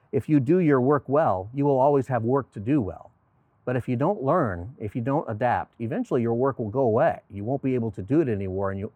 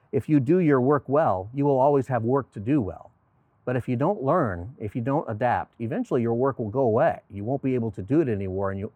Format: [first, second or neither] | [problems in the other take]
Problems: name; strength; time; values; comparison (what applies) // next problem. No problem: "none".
neither | muffled; very; fading above 3.5 kHz; the same in both